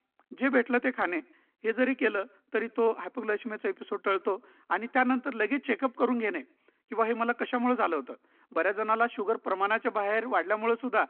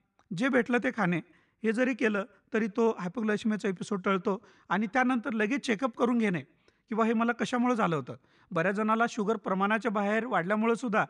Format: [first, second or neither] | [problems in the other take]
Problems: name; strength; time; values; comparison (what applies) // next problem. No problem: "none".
second | phone-call audio